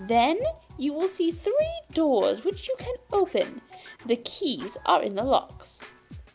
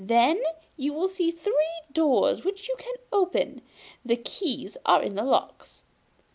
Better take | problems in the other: second | background sound (Scratching (performance technique)); 20 dB below the speech

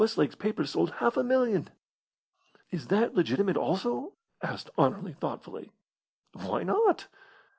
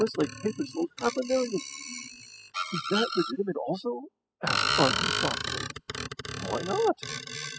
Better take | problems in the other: first | noise reduction (classical method spectral subtraction)

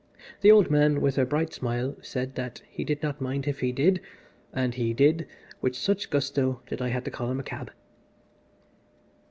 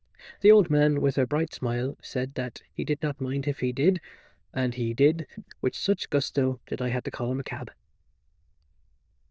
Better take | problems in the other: first | noise reduction (neural diffusion model UNIVERSE++)

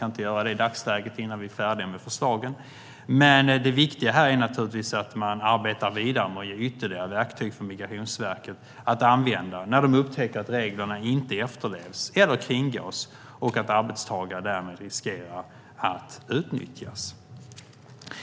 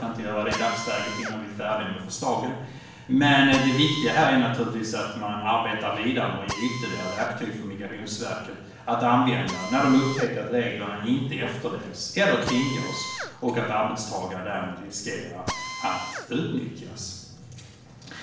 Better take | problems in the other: first | background sound (Drill); 13 dB below the speech // room echo; dies away in 0.6 s

